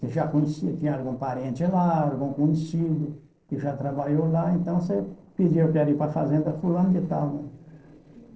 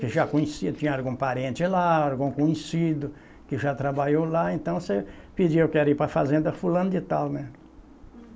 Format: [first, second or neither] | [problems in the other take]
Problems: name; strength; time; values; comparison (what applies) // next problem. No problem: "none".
second | noise reduction (neural separator model SepFormer DNS4)